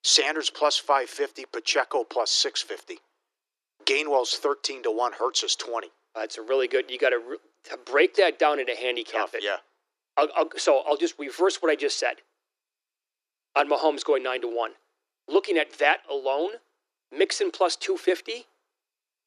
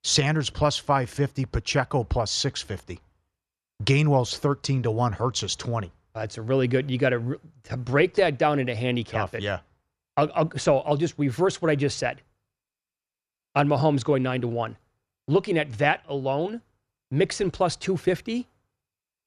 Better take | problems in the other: second | thin; very; fading below 300 Hz

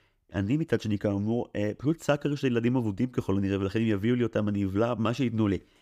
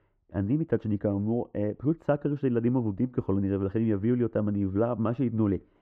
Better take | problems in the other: first | muffled; very; fading above 3 kHz

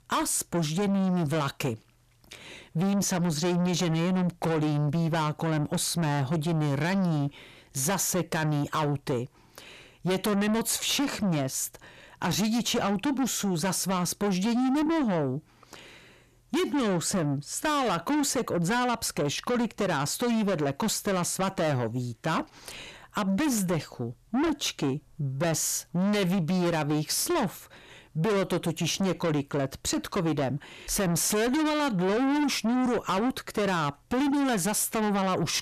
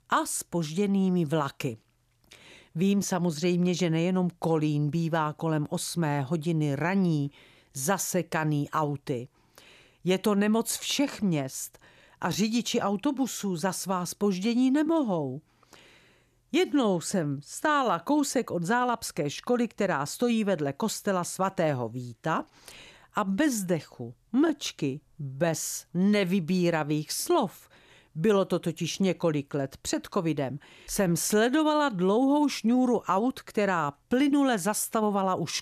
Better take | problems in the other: second | distortion; heavy; 7 dB below the speech

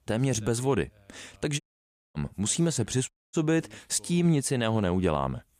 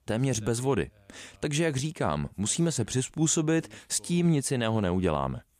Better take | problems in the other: second | audio cutting out; at 1.5 s for 0.5 s and at 3 s

